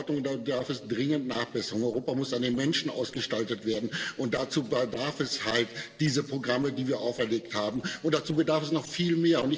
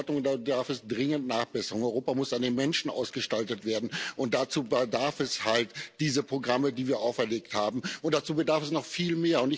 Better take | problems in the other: second | noise reduction (neural separator model SepFormer DNS4)

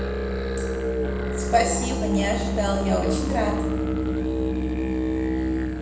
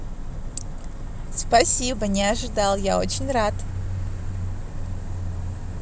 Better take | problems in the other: second | background sound (Musical instrument); 3 dB above the speech // room echo; dies away in 0.9 s

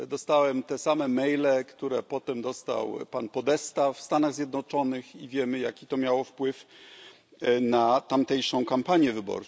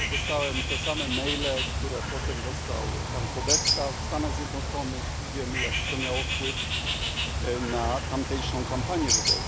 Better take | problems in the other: first | background sound (Bird); 5 dB above the speech

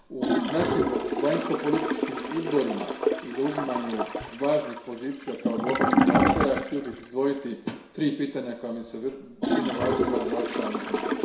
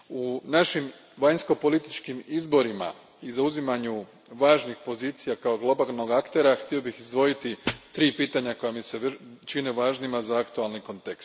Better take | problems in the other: second | background sound (Toilet flush / Gurgling); 2 dB above the speech // room echo; dies away in 0.7 s

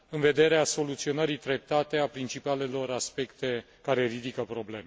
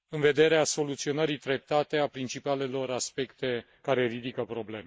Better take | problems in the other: first | noise reduction (neural mask model Resemble Enhance denoiser)

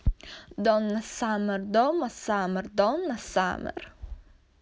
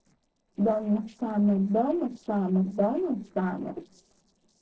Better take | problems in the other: first | noise reduction (neural separator model SepFormer DNS4)

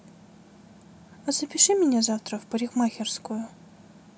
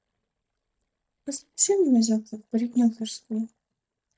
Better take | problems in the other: first | noise reduction (neural mask model DeepFilterNet 3)

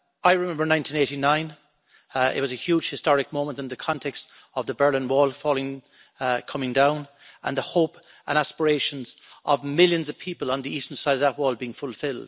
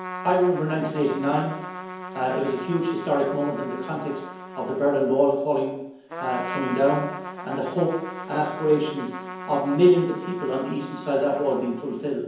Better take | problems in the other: first | background sound (Trumpet); 11 dB below the speech // room echo; dies away in 0.9 s

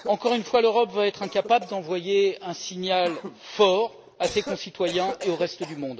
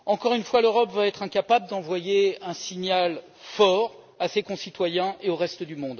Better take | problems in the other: second | background sound (Cough); 15 dB below the speech

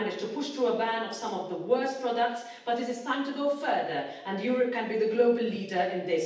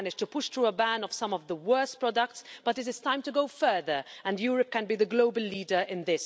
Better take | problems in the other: second | room echo; dies away in 0.9 s

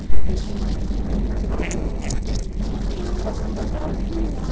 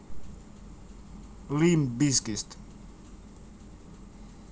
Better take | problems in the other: second | noise reduction (neural separator model SepFormer DNS4)

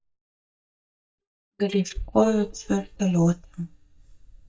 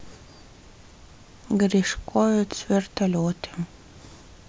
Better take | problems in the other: second | noise reduction (neural mask model DeepFilterNet 3)

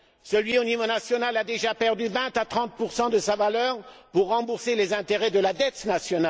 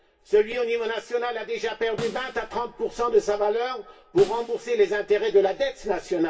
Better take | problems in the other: first | background sound (Snare drum); 19 dB below the speech // room echo; dies away in 0.2 s

